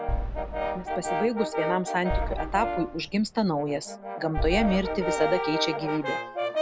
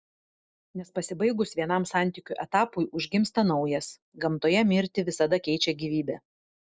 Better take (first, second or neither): second